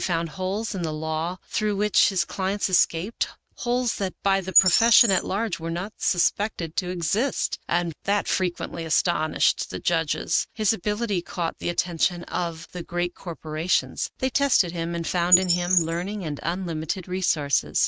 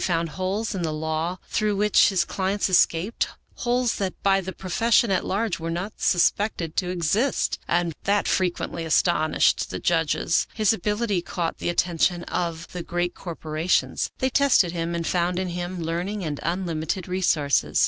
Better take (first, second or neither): second